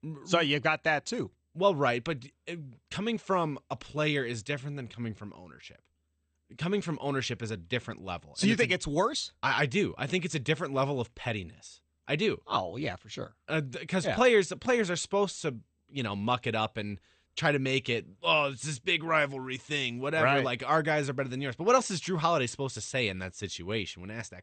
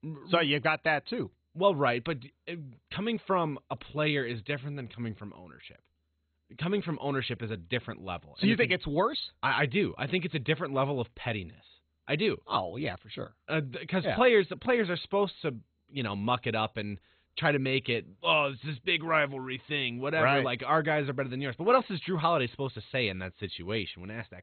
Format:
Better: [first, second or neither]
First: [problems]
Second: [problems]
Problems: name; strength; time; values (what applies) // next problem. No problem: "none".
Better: first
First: garbled, watery; slightly; nothing above 8.5 kHz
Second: garbled, watery; badly; nothing above 4 kHz